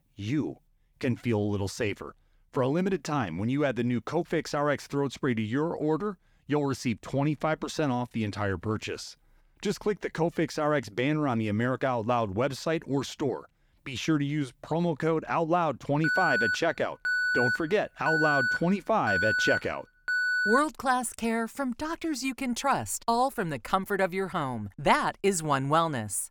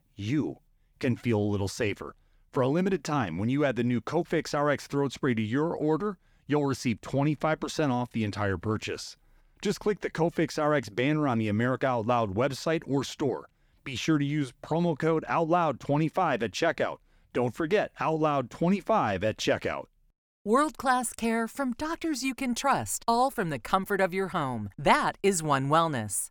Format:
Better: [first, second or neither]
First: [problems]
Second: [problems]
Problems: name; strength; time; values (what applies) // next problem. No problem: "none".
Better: second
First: alarm; loud; from 16 to 21 s; peak 4 dB above the speech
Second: none